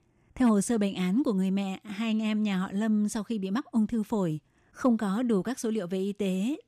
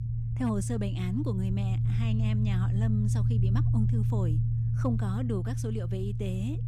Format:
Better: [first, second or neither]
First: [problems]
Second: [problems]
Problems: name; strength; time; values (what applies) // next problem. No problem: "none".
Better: first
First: none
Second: low rumble; loud; throughout; 3 dB below the speech